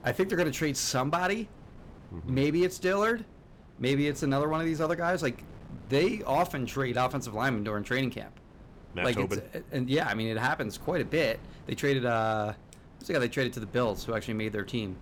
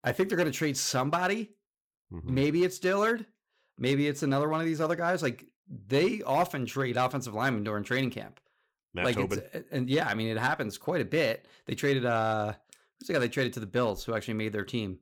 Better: second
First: wind noise on the microphone; occasional gusts; 25 dB below the speech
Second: none

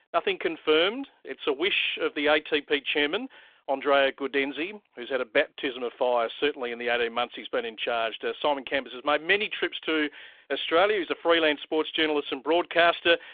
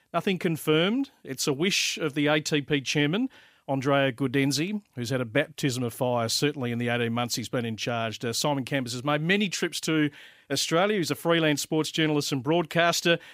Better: second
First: phone-call audio; nothing above 3.5 kHz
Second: none

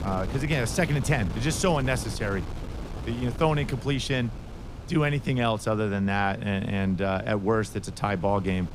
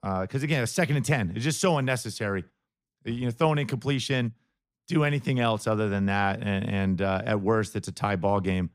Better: second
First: wind noise on the microphone; occasional gusts; 15 dB below the speech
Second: none

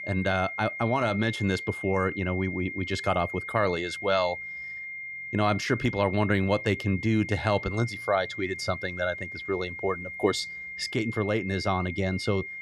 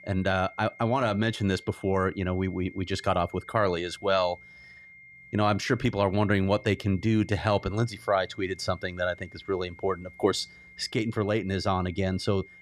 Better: second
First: high-pitched whine; loud; throughout; 2 kHz, 8 dB below the speech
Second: high-pitched whine; faint; throughout; 2 kHz, 20 dB below the speech

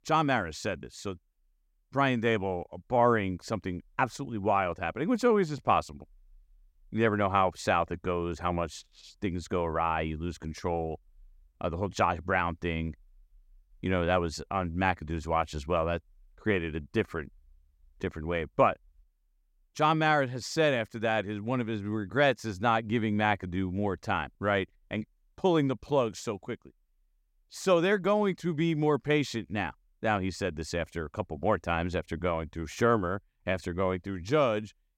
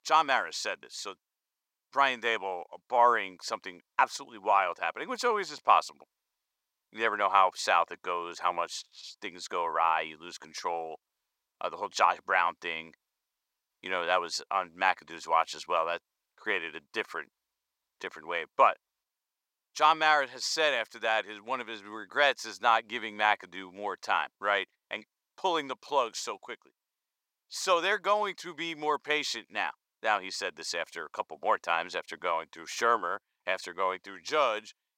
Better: first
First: none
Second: thin; very; fading below 700 Hz

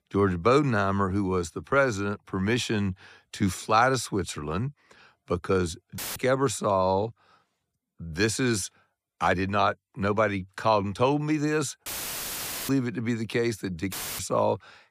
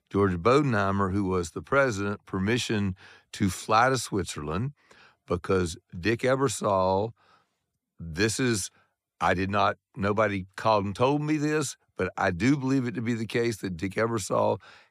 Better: second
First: audio cutting out; filled with static; at 6 s, at 12 s for 1 s and at 14 s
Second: none

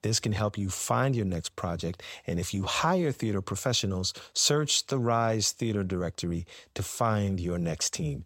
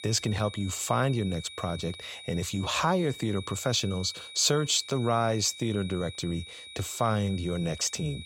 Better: first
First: none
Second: high-pitched whine; noticeable; throughout; 4 kHz, 15 dB below the speech

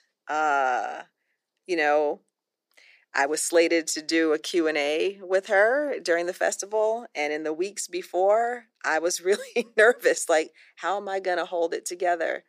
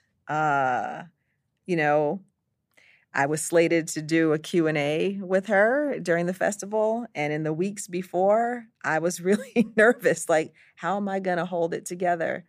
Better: second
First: thin; somewhat; fading below 350 Hz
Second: none

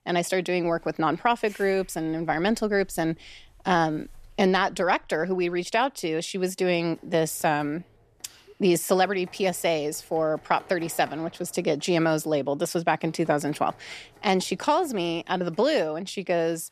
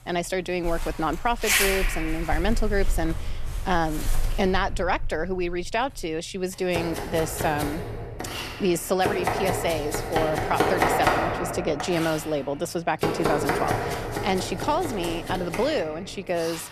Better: first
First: household noises; faint; throughout; 30 dB below the speech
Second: household noises; loud; throughout; 1 dB below the speech

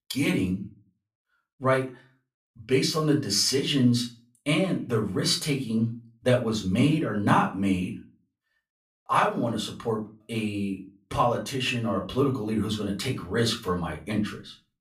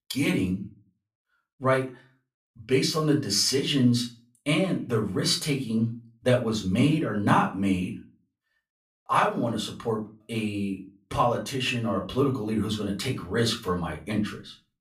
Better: neither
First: off-mic speech; far // room echo; very slight; dies away in 0.3 s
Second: off-mic speech; far // room echo; very slight; dies away in 0.3 s

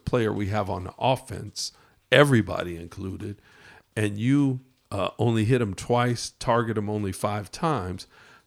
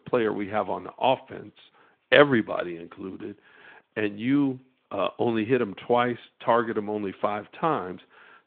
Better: first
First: none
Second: phone-call audio

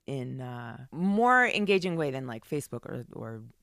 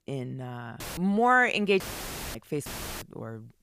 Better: first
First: none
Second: audio cutting out; filled with static; at 1 s, at 2 s for 0.5 s and at 2.5 s

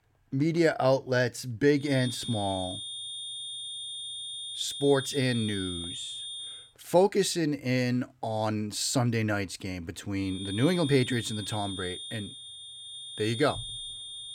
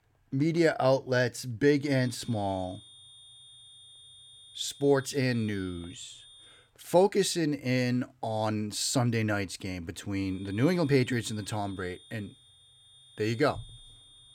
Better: second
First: high-pitched whine; loud; from 2 to 6.5 s and from 10 s on; 3.5 kHz, 8 dB below the speech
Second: high-pitched whine; faint; from 2 to 6.5 s and from 10 s on; 3.5 kHz, 20 dB below the speech

